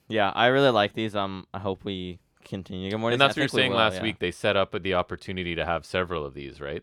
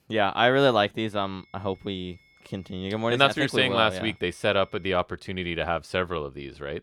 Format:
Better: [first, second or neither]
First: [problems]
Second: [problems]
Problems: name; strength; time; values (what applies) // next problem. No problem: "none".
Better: first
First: none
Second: high-pitched whine; faint; from 1 to 5 s; 2 kHz, 35 dB below the speech